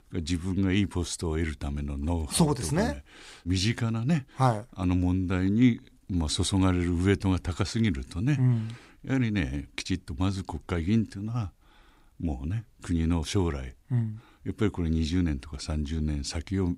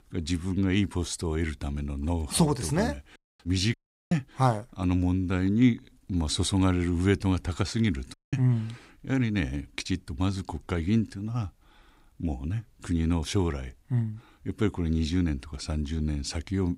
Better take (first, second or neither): first